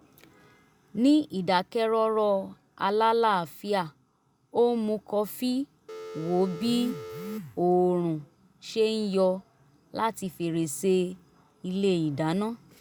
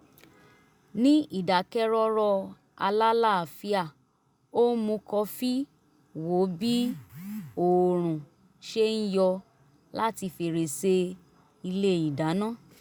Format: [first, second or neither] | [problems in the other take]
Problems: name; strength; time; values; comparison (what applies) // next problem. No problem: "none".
second | background sound (Telephone); 12 dB below the speech